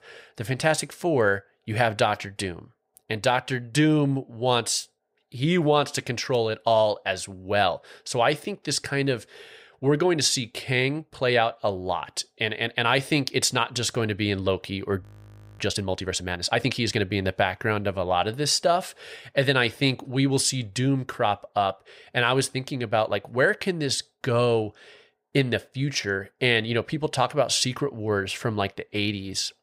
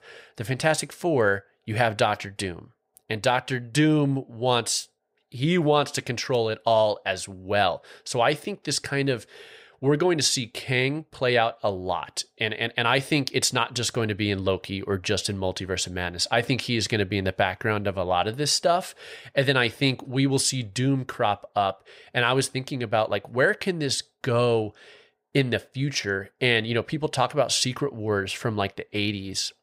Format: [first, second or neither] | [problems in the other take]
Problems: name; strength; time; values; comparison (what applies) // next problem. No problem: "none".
second | audio freezing; at 15 s for 0.5 s